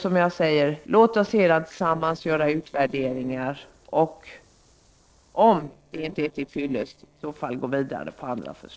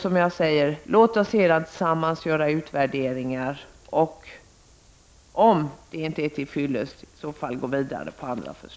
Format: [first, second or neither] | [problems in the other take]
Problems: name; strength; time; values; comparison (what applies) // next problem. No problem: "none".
second | noise reduction (neural separator model SepFormer DNS4)